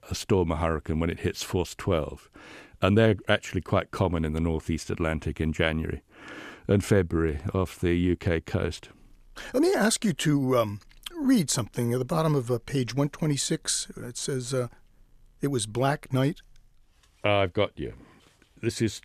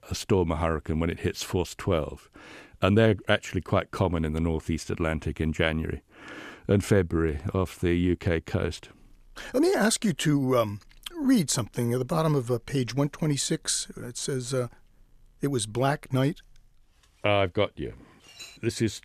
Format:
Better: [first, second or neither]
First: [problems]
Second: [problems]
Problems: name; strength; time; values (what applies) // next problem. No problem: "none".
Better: first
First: none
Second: clattering dishes; faint; at 18 s; peak 15 dB below the speech